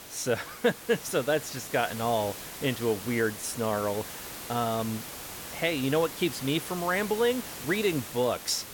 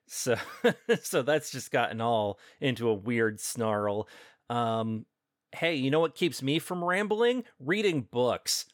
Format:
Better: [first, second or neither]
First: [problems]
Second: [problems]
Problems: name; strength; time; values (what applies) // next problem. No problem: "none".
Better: second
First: hiss; loud; throughout; 10 dB below the speech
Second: none